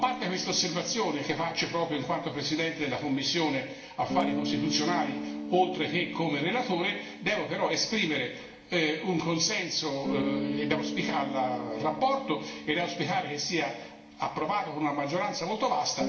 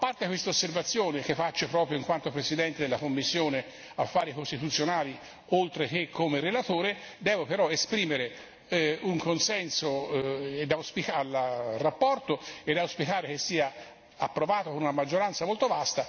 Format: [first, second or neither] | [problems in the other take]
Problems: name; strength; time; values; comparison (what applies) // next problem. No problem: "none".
second | background sound (Guitar); 8 dB below the speech // room echo; dies away in 0.8 s